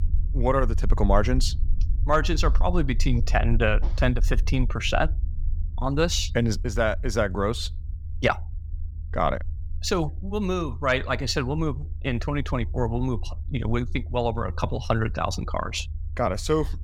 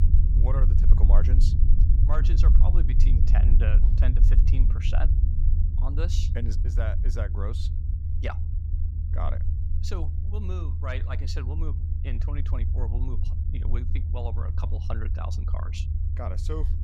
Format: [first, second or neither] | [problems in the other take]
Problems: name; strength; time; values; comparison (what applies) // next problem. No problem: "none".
first | low rumble; loud; throughout; 4 dB below the speech; faint in the first